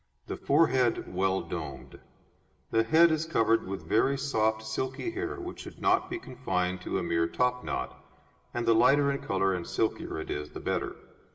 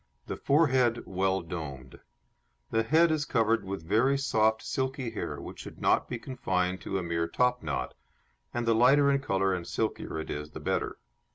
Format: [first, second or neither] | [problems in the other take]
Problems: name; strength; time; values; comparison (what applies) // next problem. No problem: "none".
second | room echo; dies away in 1.4 s